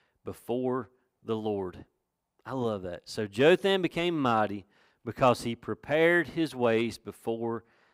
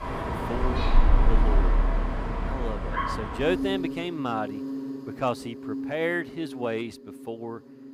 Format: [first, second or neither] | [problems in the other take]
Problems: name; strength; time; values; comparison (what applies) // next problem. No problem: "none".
first | animal sounds; very loud; throughout; 3 dB above the speech